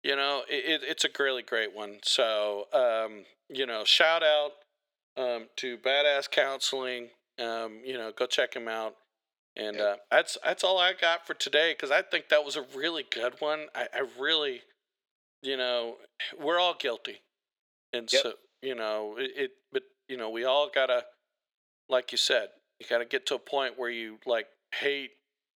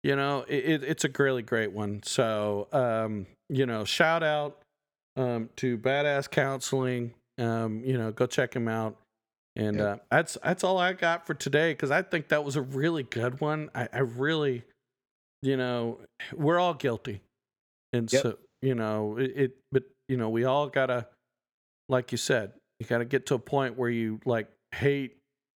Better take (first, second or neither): second